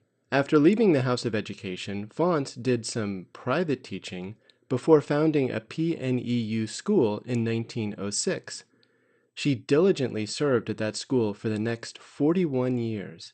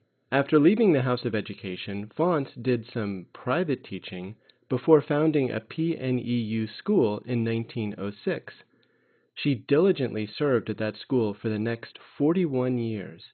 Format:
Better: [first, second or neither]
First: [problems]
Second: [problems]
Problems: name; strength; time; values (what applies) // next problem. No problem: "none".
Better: first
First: garbled, watery; slightly; nothing above 8.5 kHz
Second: garbled, watery; badly; nothing above 4 kHz